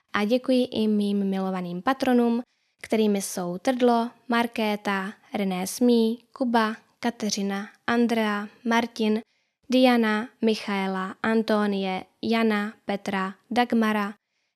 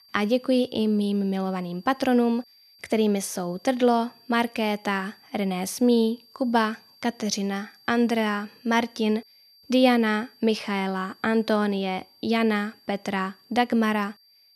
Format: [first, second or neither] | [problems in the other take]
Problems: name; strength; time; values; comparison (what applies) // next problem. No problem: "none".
first | high-pitched whine; faint; throughout; 4.5 kHz, 30 dB below the speech